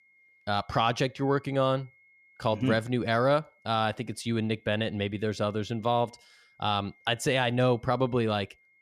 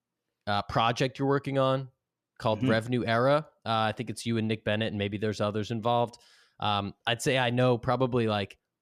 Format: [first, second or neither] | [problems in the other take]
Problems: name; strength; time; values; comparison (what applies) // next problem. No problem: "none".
second | high-pitched whine; faint; throughout; 2 kHz, 30 dB below the speech